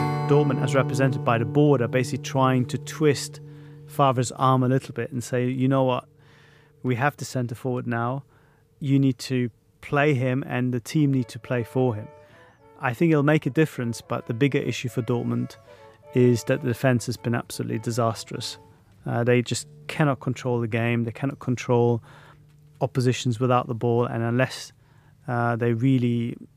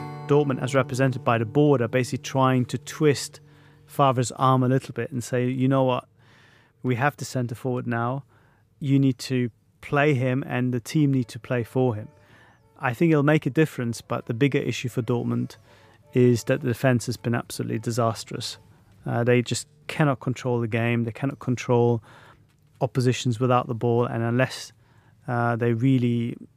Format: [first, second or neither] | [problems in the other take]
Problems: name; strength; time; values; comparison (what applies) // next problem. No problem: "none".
second | background music; loud; throughout; 10 dB below the speech; faint in the second